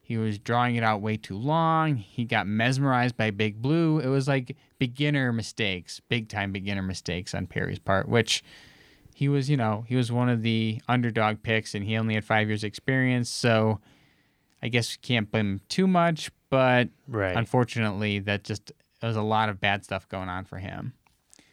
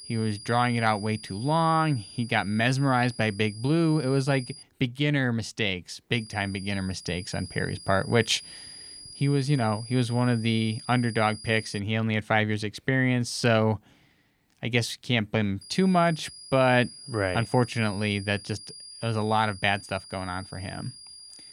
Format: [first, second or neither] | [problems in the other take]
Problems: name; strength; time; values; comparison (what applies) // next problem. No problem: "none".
first | high-pitched whine; noticeable; until 4.5 s, from 6 to 12 s and from 16 s on; 5 kHz, 15 dB below the speech